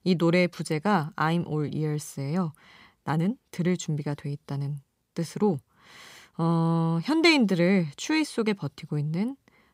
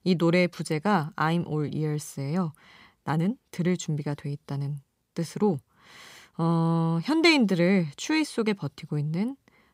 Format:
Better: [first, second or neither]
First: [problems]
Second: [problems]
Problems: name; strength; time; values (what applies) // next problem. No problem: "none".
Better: neither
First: none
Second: none